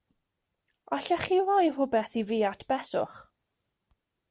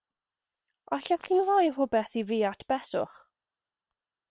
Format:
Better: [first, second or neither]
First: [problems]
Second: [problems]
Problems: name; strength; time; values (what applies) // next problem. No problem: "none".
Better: first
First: none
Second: noise reduction (neural separator model SepFormer WHAM!)